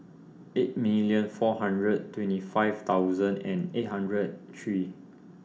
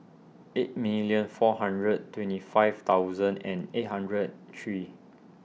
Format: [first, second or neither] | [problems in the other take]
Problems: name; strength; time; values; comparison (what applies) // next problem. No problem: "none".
second | room echo; dies away in 0.4 s